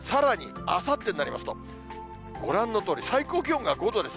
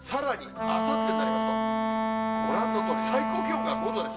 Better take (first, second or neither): first